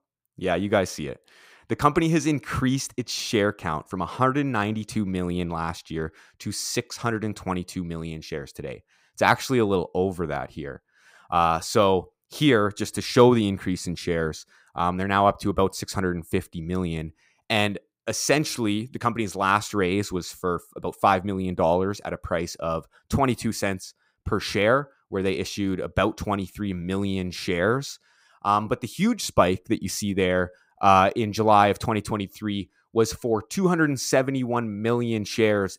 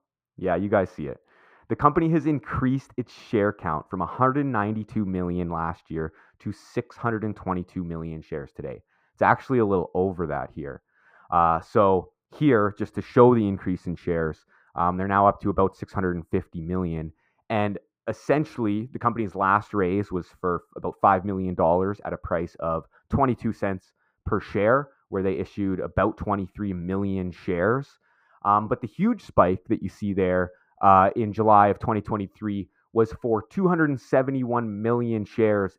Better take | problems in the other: first | muffled; very; fading above 3 kHz

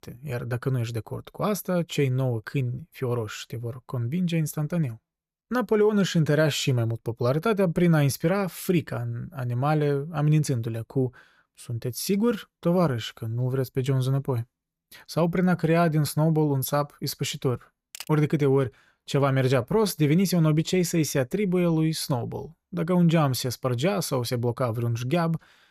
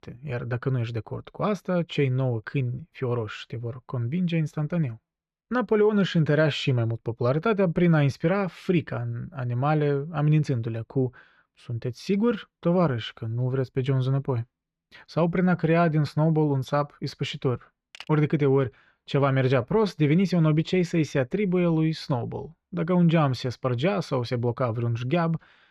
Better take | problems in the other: first | muffled; slightly; fading above 3 kHz

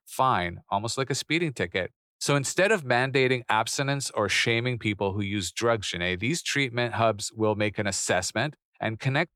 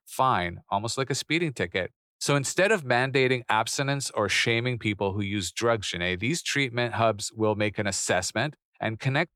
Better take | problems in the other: neither | none

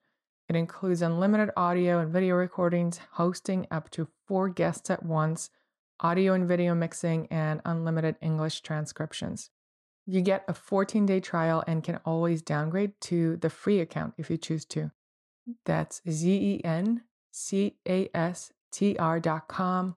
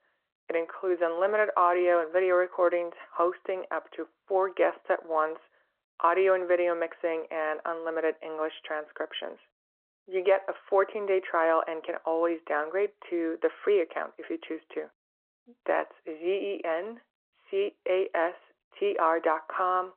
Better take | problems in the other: first | phone-call audio

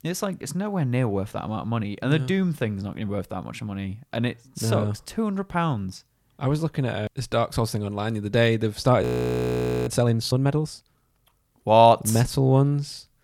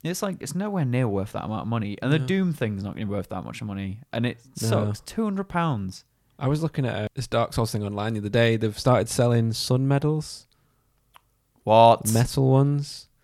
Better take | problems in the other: second | audio freezing; at 9 s for 1 s

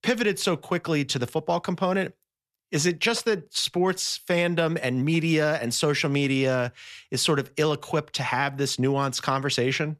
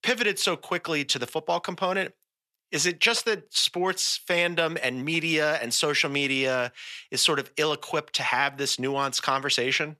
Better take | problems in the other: first | thin; somewhat; fading below 550 Hz

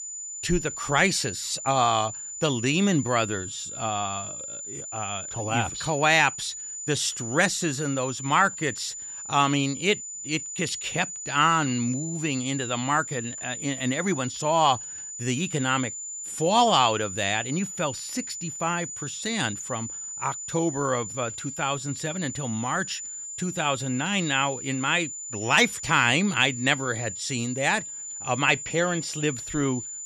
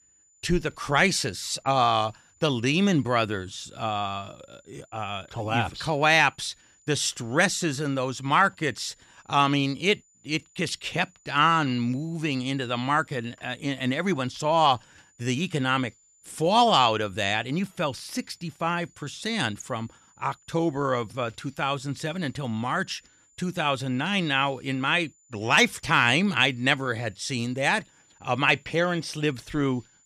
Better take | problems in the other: second | high-pitched whine; loud; throughout; 7 kHz, 8 dB below the speech; faint in the second

